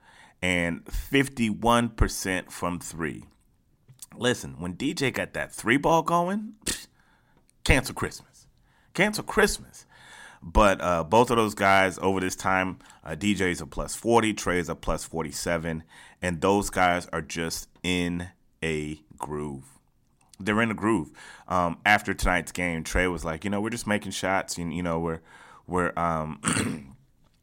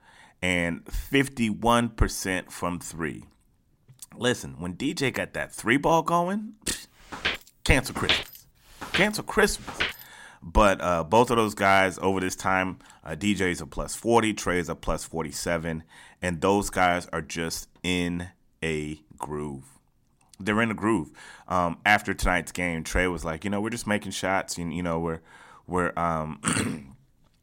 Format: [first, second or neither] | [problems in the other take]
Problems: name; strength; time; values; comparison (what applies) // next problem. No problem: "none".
first | footsteps; loud; from 7 to 10 s; peak 1 dB above the speech